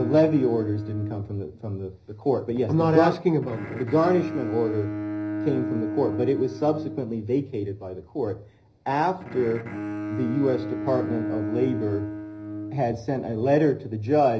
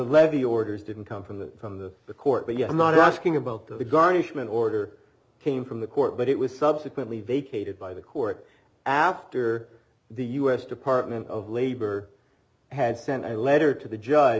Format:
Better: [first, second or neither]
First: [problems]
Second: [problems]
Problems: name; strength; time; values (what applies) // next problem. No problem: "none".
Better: second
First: background sound (Bowed string instrument); 8 dB below the speech // room echo; dies away in 0.5 s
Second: none